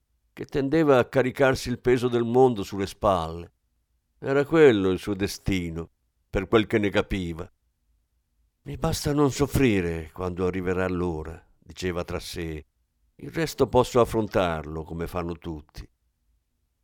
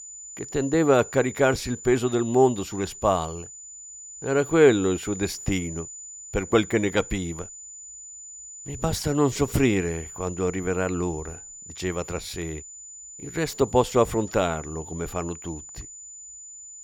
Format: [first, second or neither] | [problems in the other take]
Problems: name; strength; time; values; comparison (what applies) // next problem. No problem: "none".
first | high-pitched whine; noticeable; throughout; 7 kHz, 15 dB below the speech